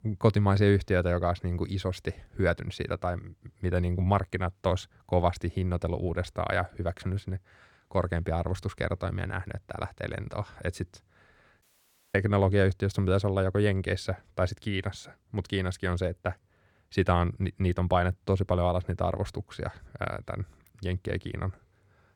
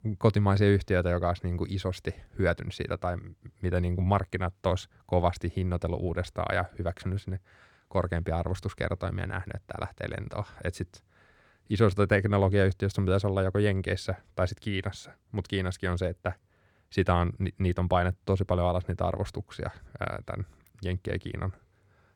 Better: second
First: audio cutting out; at 12 s for 0.5 s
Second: none

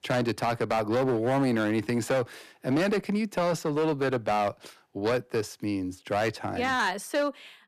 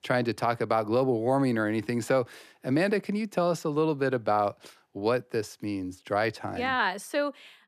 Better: second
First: distortion; slight; 11% of the sound clipped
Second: none

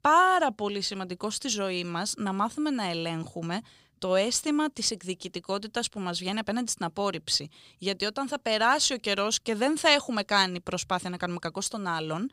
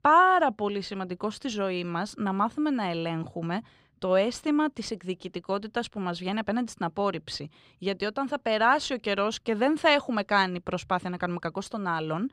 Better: first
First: none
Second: muffled; slightly; fading above 4 kHz

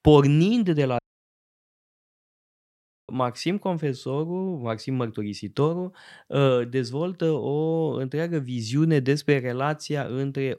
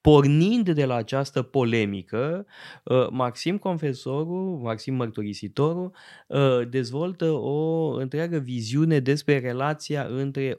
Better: second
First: audio cutting out; at 1 s for 2 s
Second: none

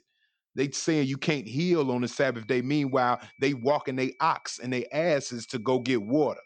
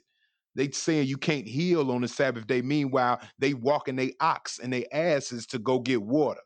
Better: second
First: high-pitched whine; faint; from 1.5 s on; 2.5 kHz, 30 dB below the speech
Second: none

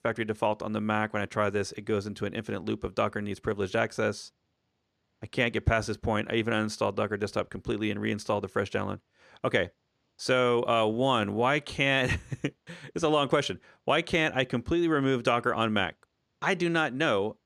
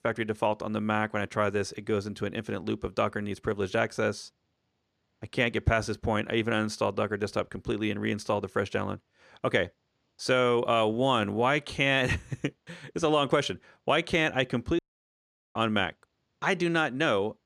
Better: first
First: none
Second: audio cutting out; at 15 s for 1 s

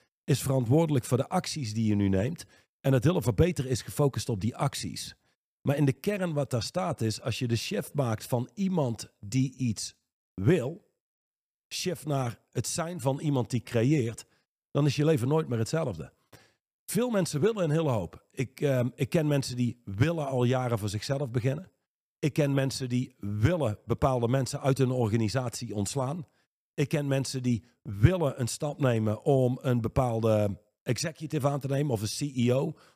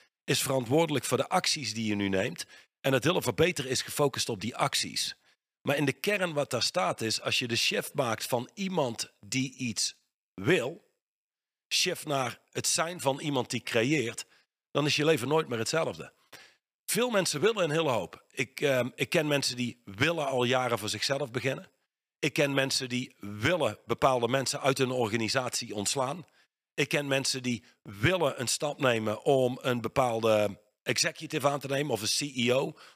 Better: first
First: none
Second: thin; somewhat; fading below 950 Hz

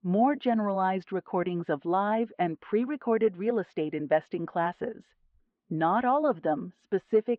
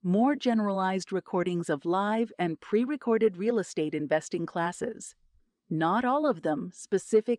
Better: second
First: muffled; very; fading above 3 kHz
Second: none

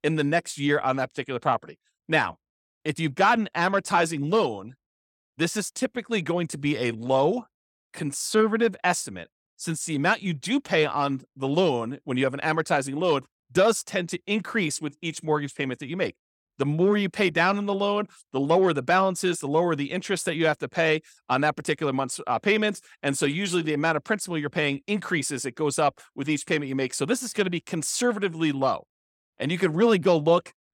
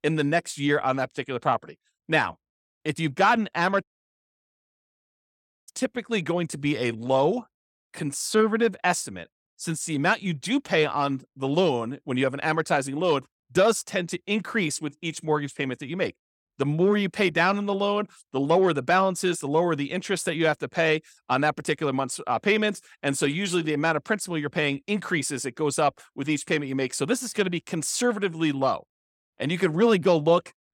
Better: first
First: none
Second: audio cutting out; at 4 s for 2 s

